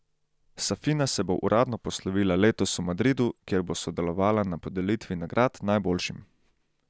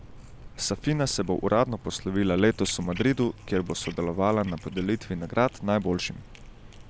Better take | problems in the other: first | background sound (Cat); 16 dB below the speech

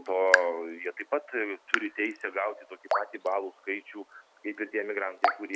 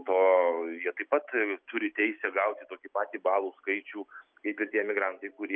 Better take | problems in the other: second | background sound (Raindrop / Drip); 2 dB below the speech

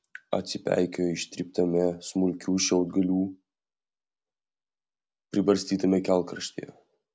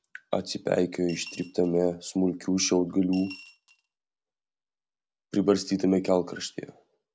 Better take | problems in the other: first | background sound (Coin (dropping) / Glass); 20 dB below the speech

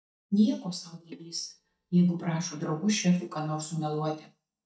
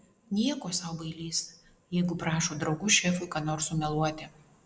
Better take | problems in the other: second | noise reduction (neural mask model DeepFilterNet 3)

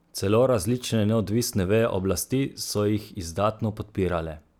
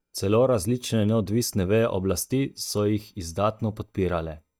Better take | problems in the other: first | noise reduction (neural mask model DeepFilterNet 3)

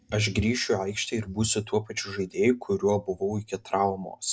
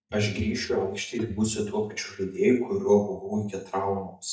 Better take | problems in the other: first | noise reduction (neural mask model DeepFilterNet 3)

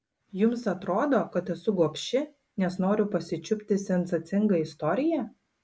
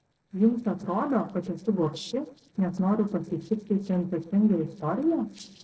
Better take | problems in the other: first | noise reduction (neural separator model SepFormer DNS4)

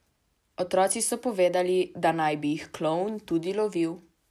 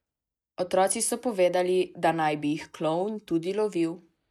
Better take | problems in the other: first | noise reduction (neural mask model DeepFilterNet 3)

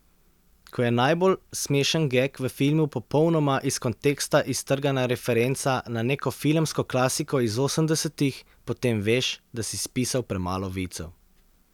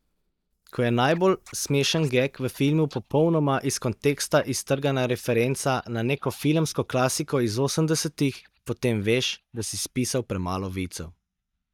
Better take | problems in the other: first | noise reduction (neural mask model DeepFilterNet 3)

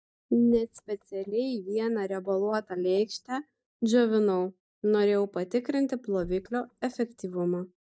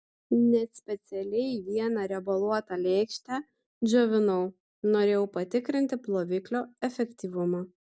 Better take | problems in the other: second | noise reduction (neural mask model DeepFilterNet 3)

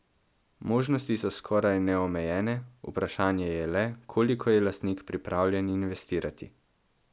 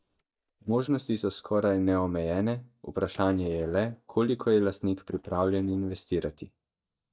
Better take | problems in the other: first | noise reduction (neural mask model DeepFilterNet 3)

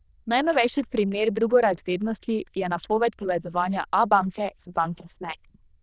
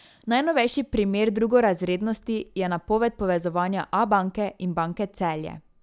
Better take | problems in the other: second | noise reduction (neural diffusion model UNIVERSE++)

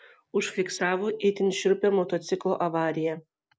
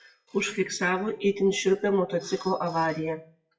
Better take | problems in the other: first | noise reduction (classical method WPE with log-MMSE)

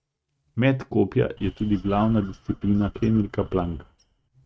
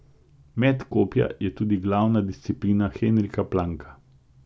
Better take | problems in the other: second | noise reduction (neural mask model RNNoise)

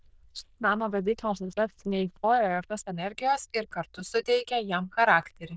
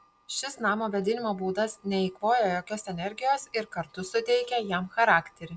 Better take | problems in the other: second | noise reduction (neural diffusion model UNIVERSE++)

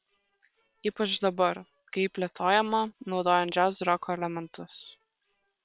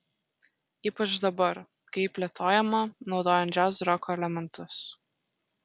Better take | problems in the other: second | noise reduction (neural separator model SepFormer WHAM!)

